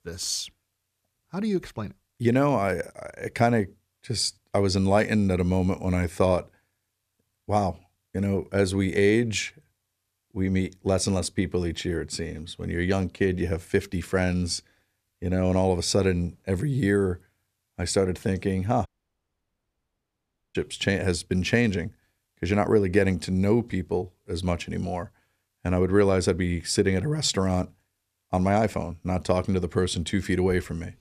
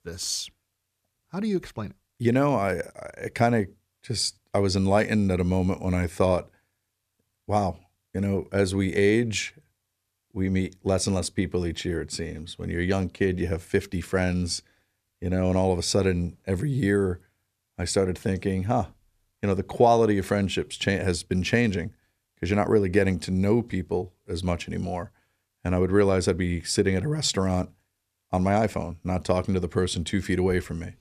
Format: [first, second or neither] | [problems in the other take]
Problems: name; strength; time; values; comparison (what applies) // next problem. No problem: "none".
second | audio cutting out; at 19 s for 1.5 s